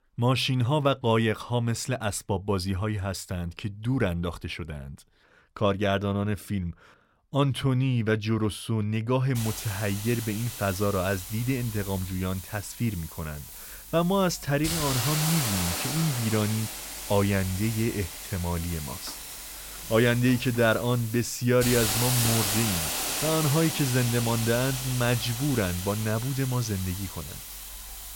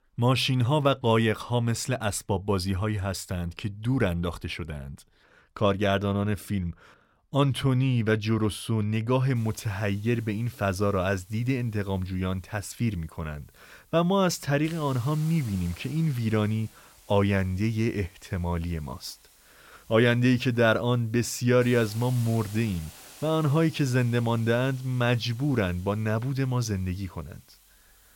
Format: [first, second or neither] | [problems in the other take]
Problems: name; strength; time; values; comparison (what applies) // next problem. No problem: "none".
second | hiss; loud; from 9.5 s on; 4 dB below the speech; faint in the second